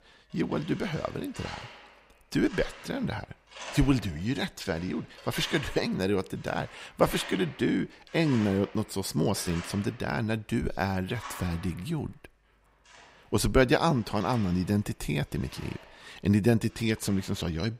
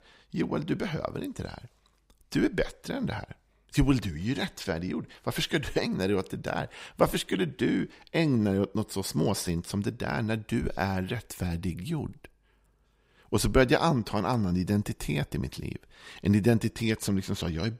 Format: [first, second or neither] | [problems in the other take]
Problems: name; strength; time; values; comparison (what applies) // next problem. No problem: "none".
second | machinery noise; noticeable; throughout; 15 dB below the speech